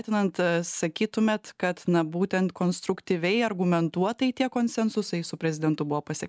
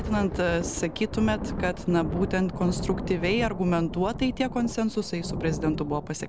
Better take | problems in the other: first | background sound (Thunder); 6 dB below the speech

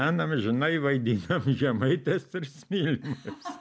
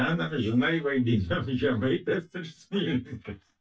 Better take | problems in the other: first | noise reduction (neural mask model DeepFilterNet 3)

